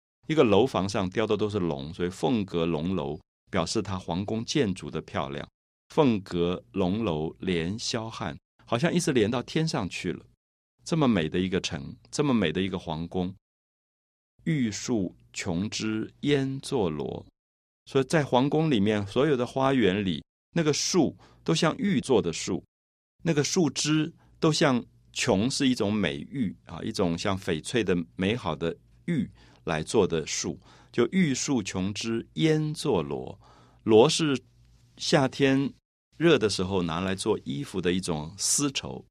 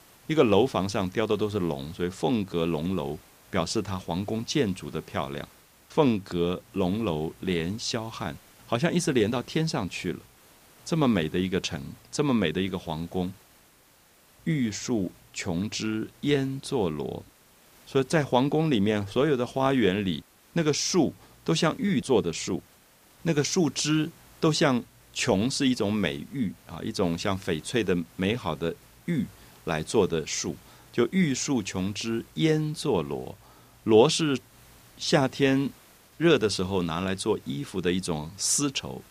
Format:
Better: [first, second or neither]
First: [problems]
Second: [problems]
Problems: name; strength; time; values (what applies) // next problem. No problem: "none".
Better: first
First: none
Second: hiss; faint; throughout; 25 dB below the speech